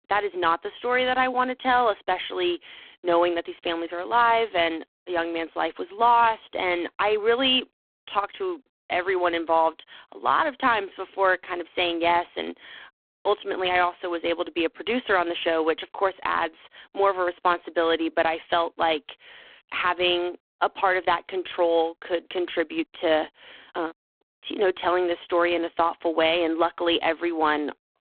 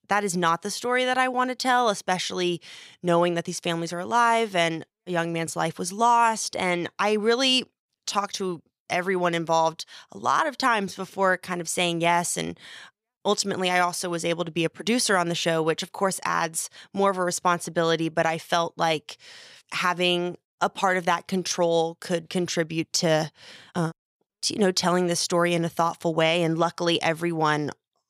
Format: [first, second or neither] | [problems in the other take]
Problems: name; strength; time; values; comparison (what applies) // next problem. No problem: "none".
second | phone-call audio; poor line